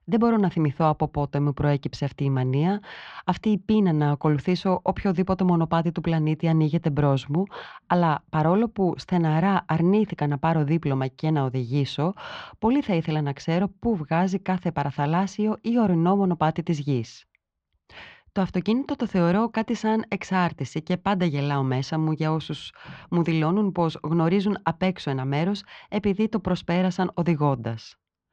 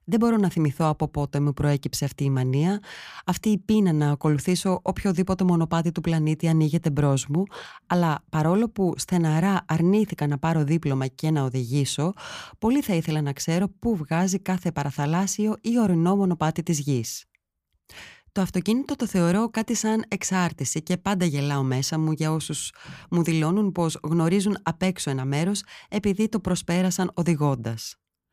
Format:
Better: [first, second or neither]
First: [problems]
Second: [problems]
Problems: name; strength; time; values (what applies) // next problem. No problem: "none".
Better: second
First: muffled; slightly; fading above 4 kHz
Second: none